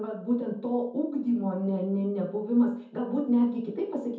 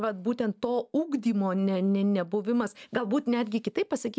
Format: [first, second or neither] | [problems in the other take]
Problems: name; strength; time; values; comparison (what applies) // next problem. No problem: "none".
second | room echo; dies away in 0.6 s